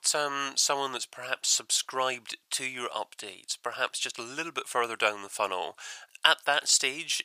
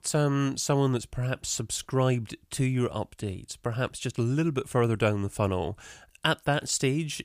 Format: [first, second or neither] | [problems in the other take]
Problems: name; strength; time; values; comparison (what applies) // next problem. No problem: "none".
second | thin; very; fading below 900 Hz